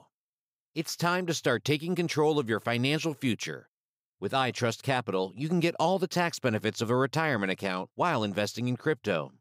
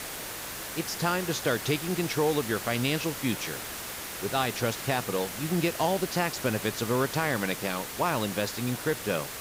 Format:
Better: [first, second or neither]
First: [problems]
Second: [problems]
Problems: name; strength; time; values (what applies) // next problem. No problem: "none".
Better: first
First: none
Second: hiss; loud; throughout; 6 dB below the speech